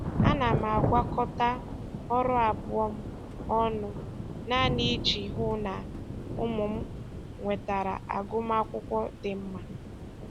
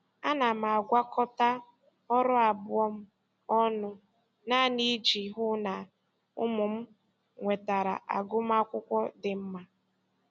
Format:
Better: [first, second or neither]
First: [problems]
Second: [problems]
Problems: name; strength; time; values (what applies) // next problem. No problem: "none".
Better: second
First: background sound (Thunder / Rain); 3 dB below the speech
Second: none